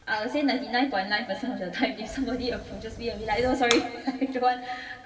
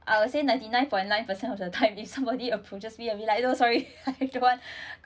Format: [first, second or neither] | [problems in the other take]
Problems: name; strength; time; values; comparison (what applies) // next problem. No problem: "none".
second | background sound (Fire); 13 dB below the speech // room echo; dies away in 2.2 s